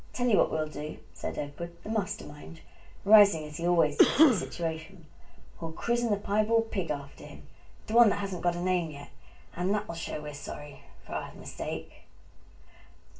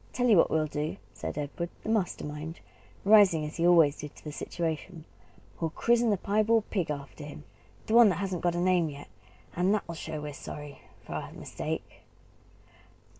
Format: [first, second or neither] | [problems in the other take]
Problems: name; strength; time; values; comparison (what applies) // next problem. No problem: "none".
second | background sound (Cough); 3 dB above the speech // room echo; dies away in 0.2 s